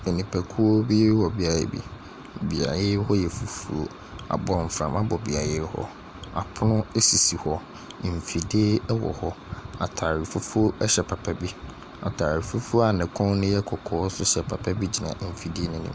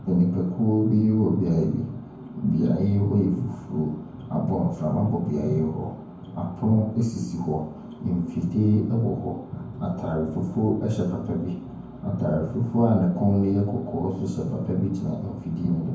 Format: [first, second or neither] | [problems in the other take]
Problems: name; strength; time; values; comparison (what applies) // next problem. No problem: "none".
first | room echo; dies away in 0.9 s